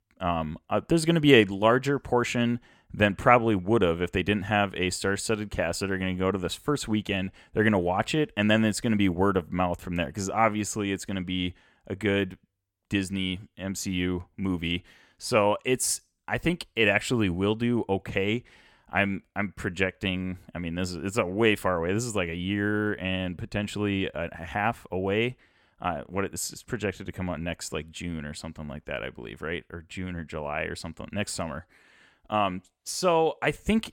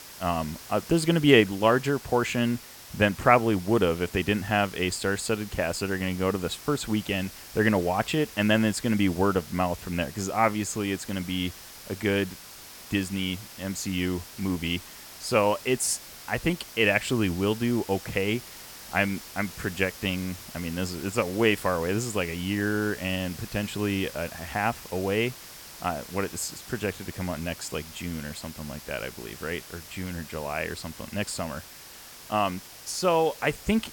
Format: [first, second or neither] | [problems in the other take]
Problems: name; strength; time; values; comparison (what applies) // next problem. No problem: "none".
first | hiss; noticeable; throughout; 15 dB below the speech